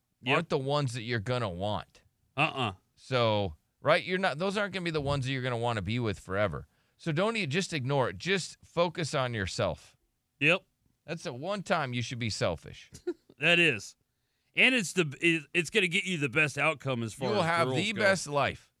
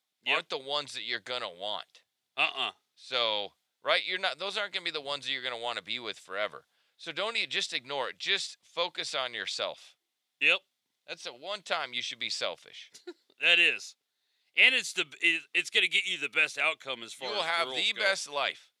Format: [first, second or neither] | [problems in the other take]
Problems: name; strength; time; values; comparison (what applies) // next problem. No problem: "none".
first | thin; very; fading below 500 Hz